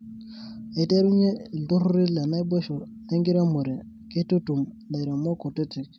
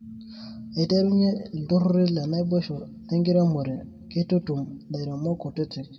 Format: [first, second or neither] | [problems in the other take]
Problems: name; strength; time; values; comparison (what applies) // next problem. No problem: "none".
first | room echo; dies away in 0.6 s